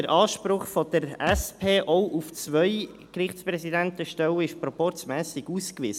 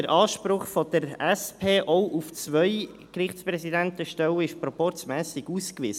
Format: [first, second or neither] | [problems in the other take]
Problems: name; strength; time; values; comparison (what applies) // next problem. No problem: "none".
second | background sound (Thump, thud); 11 dB below the speech